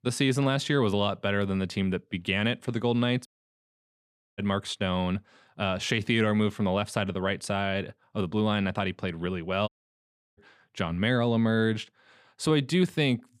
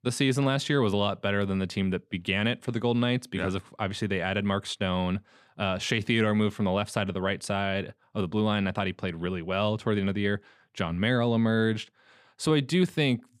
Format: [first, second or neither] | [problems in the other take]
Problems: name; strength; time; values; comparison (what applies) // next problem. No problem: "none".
second | audio cutting out; at 3.5 s for 1 s and at 9.5 s for 0.5 s